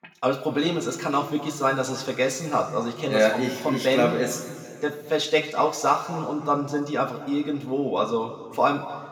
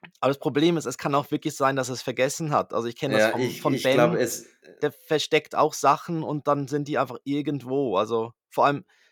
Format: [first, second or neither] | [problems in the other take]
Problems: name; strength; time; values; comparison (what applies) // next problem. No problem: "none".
second | room echo; noticeable; dies away in 1.8 s // off-mic speech; somewhat distant